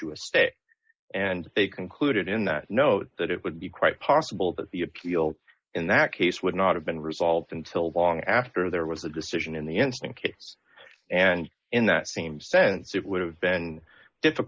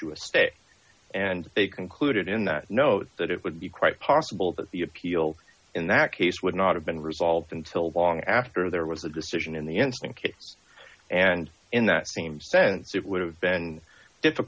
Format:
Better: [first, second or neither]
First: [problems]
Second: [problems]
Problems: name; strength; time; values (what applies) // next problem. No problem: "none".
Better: second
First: noise reduction (neural mask model Resemble Enhance denoiser)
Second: none